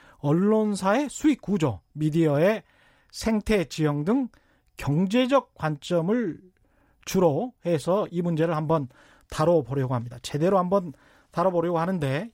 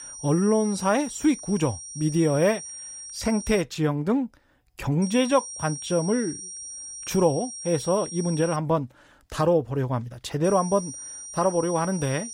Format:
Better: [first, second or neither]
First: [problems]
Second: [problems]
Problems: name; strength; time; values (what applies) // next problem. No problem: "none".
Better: first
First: none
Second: high-pitched whine; noticeable; until 3.5 s, from 5 to 8.5 s and from 10 s on; 5.5 kHz, 10 dB below the speech